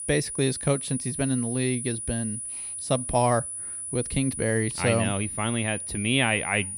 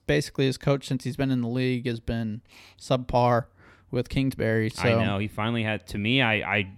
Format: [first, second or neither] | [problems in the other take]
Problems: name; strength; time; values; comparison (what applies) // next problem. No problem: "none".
second | high-pitched whine; loud; throughout; 9.5 kHz, 5 dB below the speech